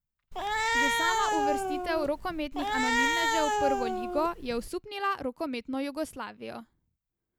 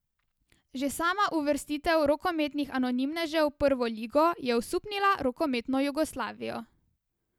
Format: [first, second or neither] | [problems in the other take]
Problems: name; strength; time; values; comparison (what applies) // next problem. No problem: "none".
second | background sound (Cat); 4 dB above the speech